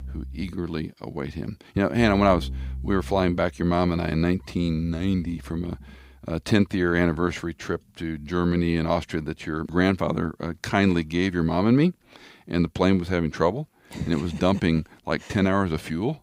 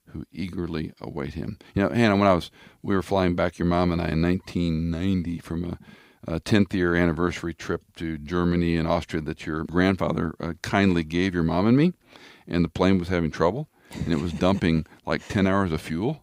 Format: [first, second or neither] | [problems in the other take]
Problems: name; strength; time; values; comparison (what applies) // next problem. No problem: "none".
second | background music; noticeable; throughout; 15 dB below the speech